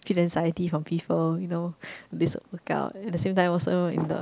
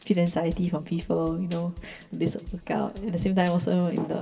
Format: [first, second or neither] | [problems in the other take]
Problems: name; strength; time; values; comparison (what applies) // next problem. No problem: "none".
first | background sound (Drum kit); 19 dB below the speech // room echo; dies away in 1.3 s